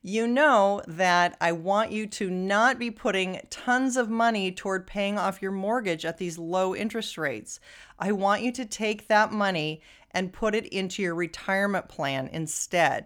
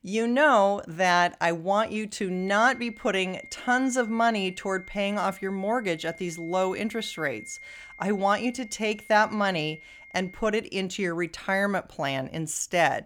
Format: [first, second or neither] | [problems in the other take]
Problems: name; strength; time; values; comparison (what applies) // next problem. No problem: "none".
first | high-pitched whine; noticeable; from 2.5 to 10 s; 2 kHz, 20 dB below the speech